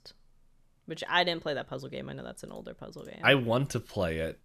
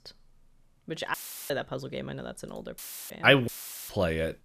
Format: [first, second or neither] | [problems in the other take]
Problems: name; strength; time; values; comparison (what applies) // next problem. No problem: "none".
first | audio cutting out; filled with static; at 1 s, at 3 s and at 3.5 s